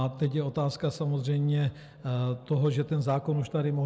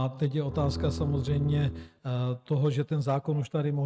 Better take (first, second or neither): first